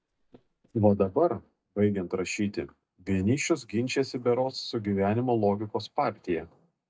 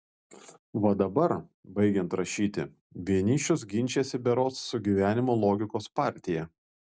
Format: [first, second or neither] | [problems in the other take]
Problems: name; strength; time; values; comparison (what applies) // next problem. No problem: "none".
second | noise reduction (neural mask model DeepFilterNet 3)